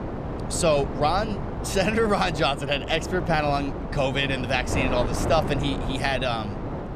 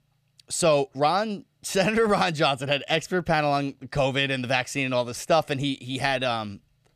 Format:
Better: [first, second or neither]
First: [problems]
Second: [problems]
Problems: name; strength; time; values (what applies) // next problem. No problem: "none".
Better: second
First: wind noise on the microphone; heavy; 9 dB below the speech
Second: none